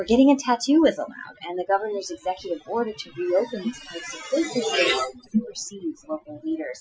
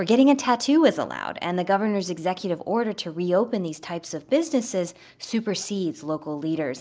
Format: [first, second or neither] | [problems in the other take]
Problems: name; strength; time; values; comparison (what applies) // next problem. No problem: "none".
second | noise reduction (classical method Wiener filter)